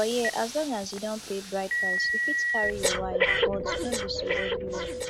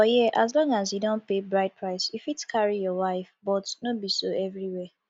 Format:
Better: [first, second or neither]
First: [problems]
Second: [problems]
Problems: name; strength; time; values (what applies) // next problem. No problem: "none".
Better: second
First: background sound (Telephone + Breathing); 3 dB above the speech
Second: none